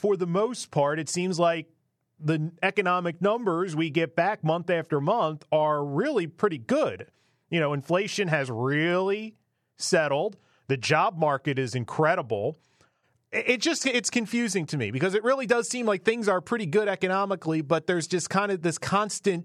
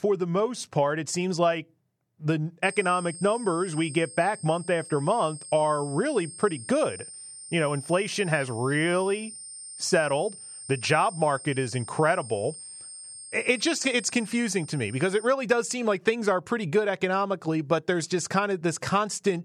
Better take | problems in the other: first | high-pitched whine; noticeable; from 2.5 to 15 s; 8.5 kHz, 15 dB below the speech

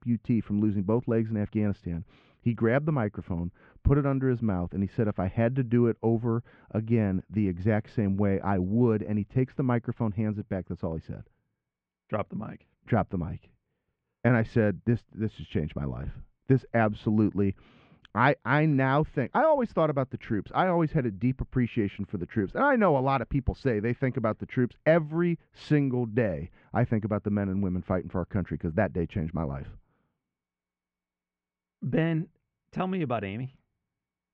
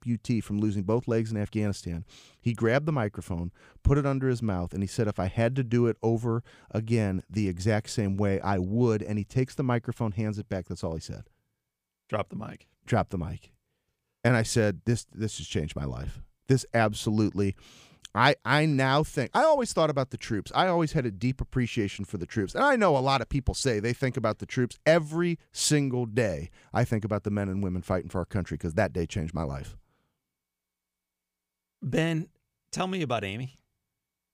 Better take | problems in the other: second | muffled; very; fading above 2.5 kHz

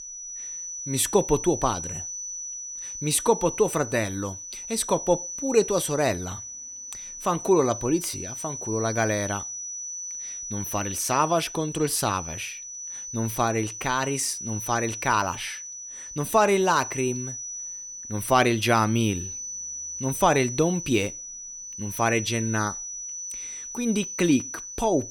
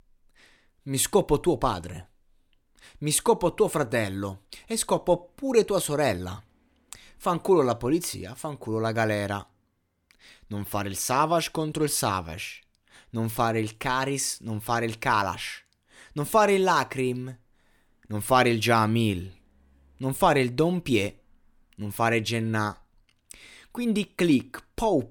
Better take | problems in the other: second | high-pitched whine; loud; throughout; 6 kHz, 8 dB below the speech

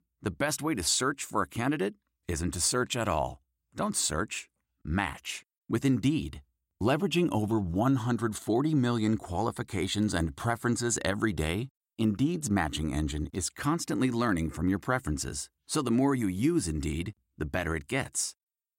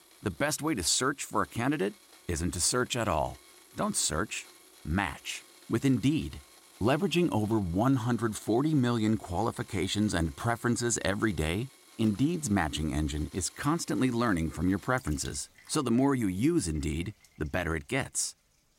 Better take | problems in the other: first | household noises; faint; throughout; 25 dB below the speech

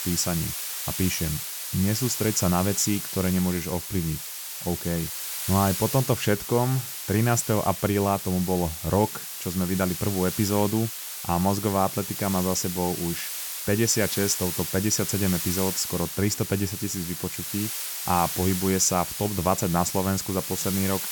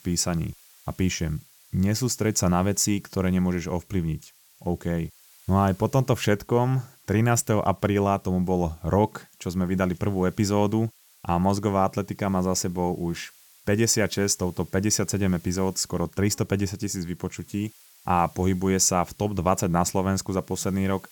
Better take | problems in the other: second | hiss; loud; throughout; 5 dB below the speech; faint in the second

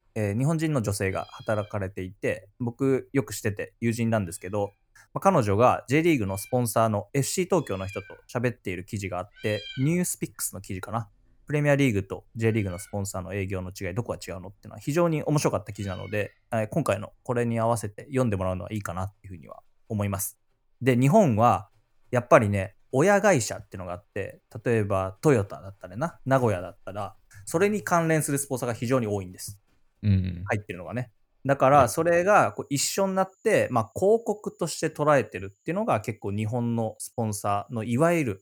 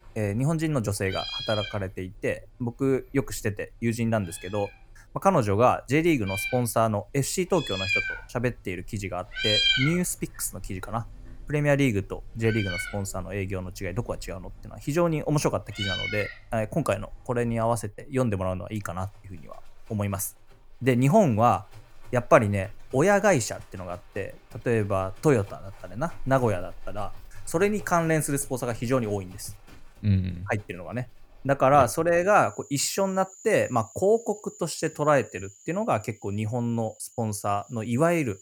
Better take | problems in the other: first | animal sounds; loud; throughout; 4 dB below the speech; faint in the first

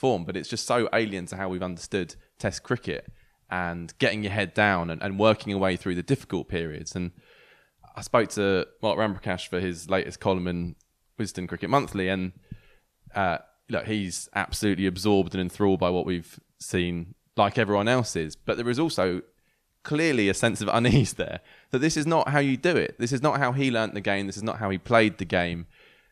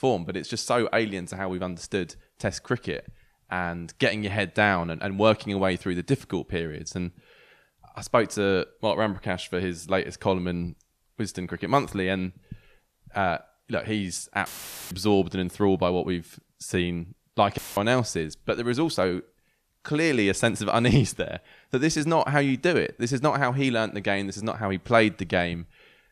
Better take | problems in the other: first | audio cutting out; filled with static; at 14 s and at 18 s

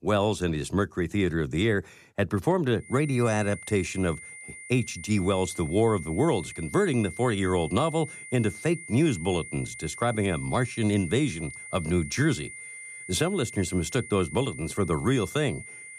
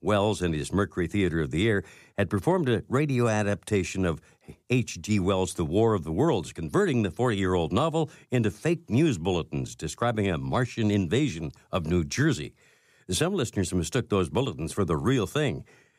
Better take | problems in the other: second | high-pitched whine; noticeable; from 3 s on; 2 kHz, 15 dB below the speech

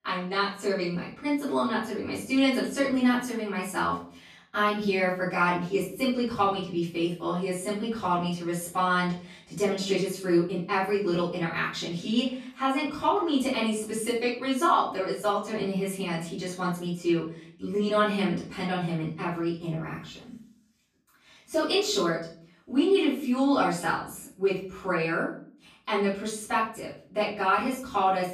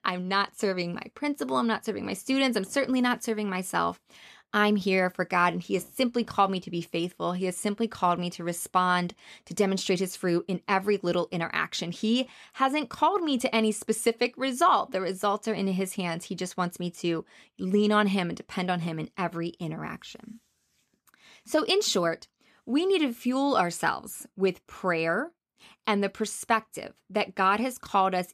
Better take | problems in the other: second | off-mic speech; far // room echo; noticeable; dies away in 0.5 s

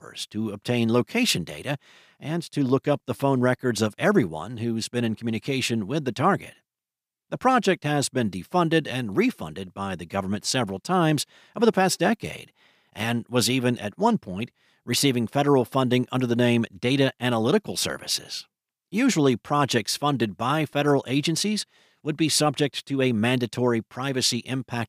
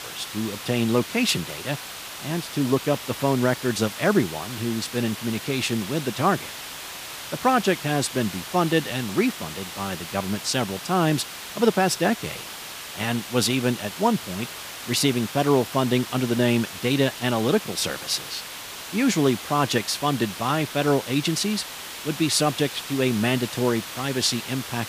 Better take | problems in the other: first | hiss; loud; throughout; 10 dB below the speech

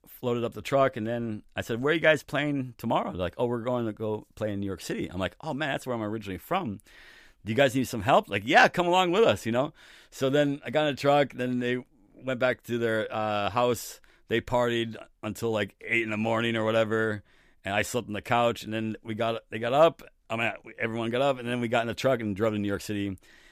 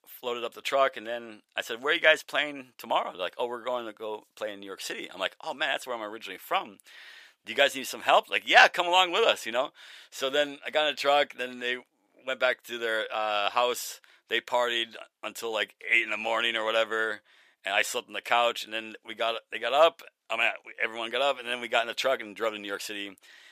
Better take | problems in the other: first | thin; very; fading below 600 Hz

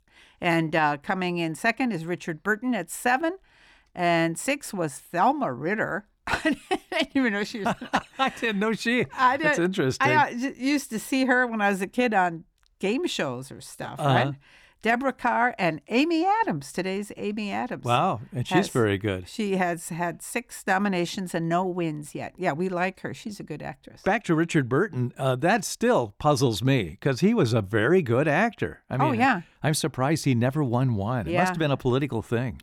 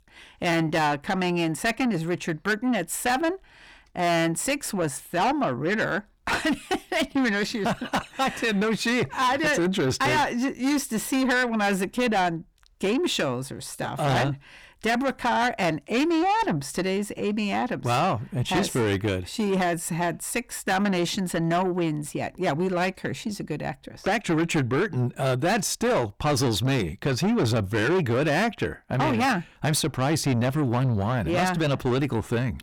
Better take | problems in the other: first | distortion; heavy; 8 dB below the speech

